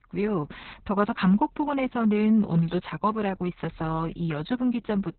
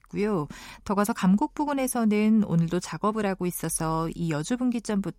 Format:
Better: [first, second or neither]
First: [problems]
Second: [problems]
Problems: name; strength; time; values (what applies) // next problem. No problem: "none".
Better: second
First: garbled, watery; badly; nothing above 4 kHz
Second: none